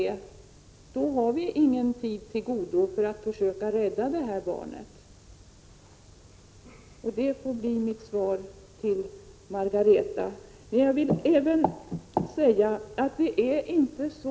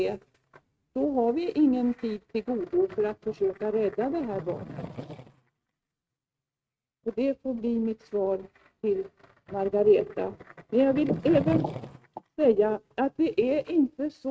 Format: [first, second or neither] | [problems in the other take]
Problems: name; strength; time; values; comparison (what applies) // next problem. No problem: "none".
first | noise reduction (neural mask model RNNoise)